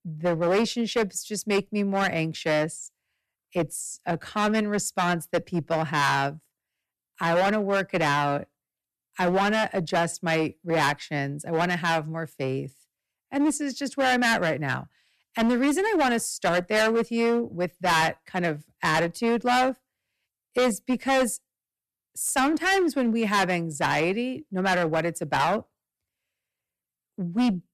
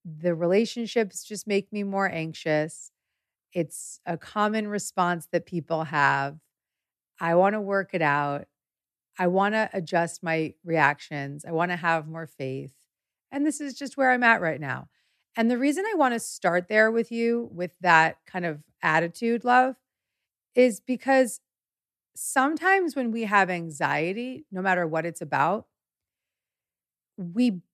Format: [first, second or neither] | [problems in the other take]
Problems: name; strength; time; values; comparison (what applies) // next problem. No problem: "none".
second | distortion; heavy; 11% of the sound clipped